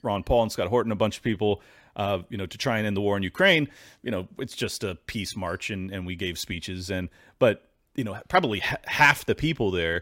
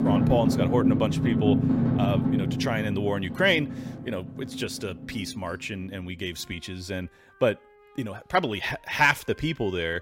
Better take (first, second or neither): first